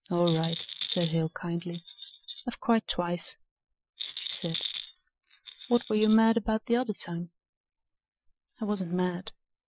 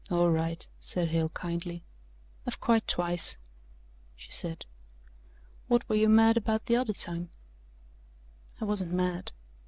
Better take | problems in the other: second | noise reduction (classical method Wiener filter)

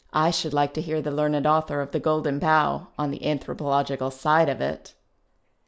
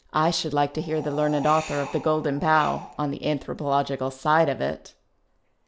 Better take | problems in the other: first | background sound (Wind); 15 dB below the speech

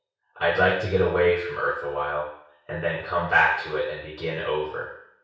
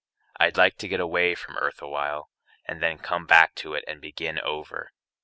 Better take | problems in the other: second | room echo; dies away in 0.6 s

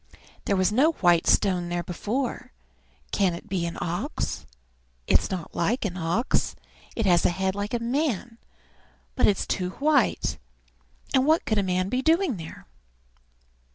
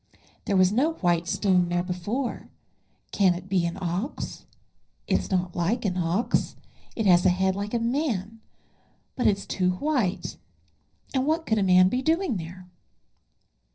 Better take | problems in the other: first | noise reduction (neural separator model SepFormer DNS4)

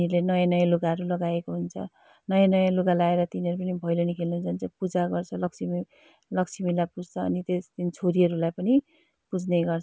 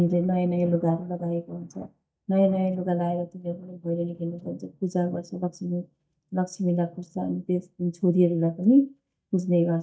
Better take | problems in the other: first | noise reduction (neural mask model DeepFilterNet 3)

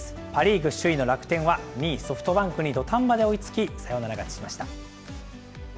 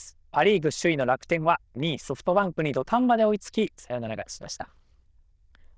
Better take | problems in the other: first | noise reduction (neural diffusion model UNIVERSE++)

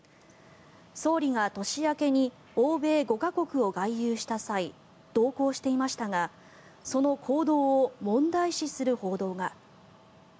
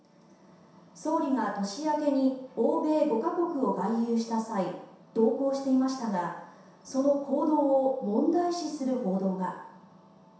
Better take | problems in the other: first | room echo; dies away in 0.7 s

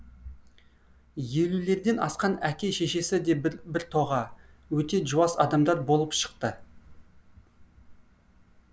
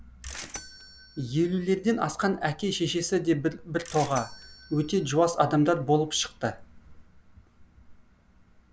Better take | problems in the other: first | background sound (Bell / Mechanisms); 19 dB below the speech

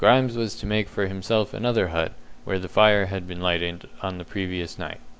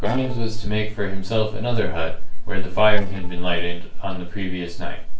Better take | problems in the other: first | noise reduction (neural separator model SepFormer DNS4)

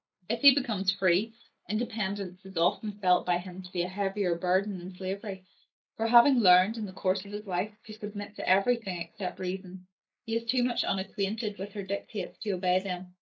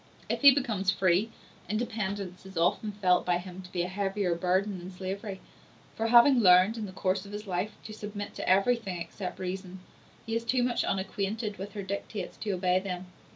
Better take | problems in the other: second | noise reduction (neural mask model Resemble Enhance denoiser)

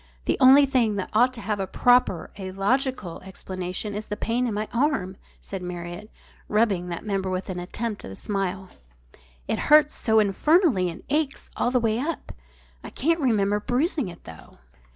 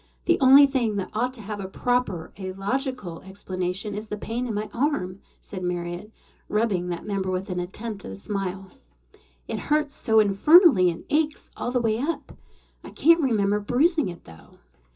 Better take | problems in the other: first | room echo; dies away in 0.2 s

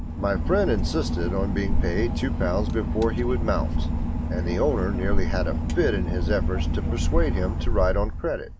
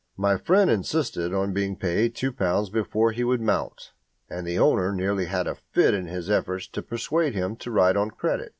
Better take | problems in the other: second | background sound (Engine / Boat, Water vehicle); 3 dB above the speech

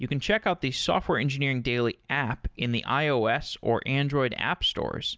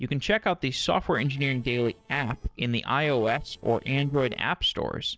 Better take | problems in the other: first | noise reduction (neural separator model SepFormer DNS4)

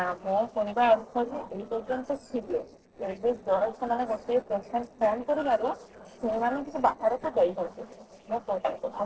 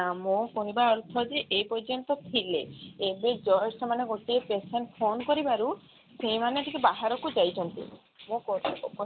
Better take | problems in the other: second | noise reduction (neural separator model SepFormer DNS4)

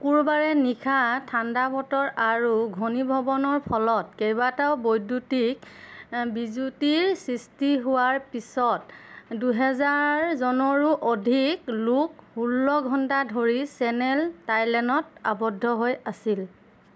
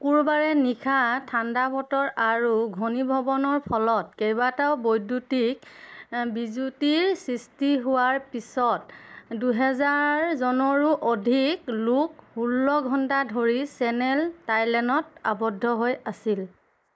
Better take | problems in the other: first | noise reduction (neural mask model Resemble Enhance denoiser)

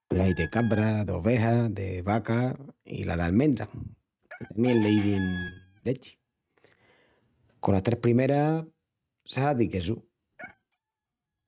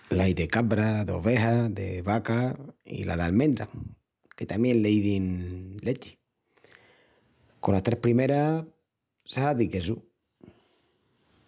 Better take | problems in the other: second | noise reduction (neural mask model RNNoise)

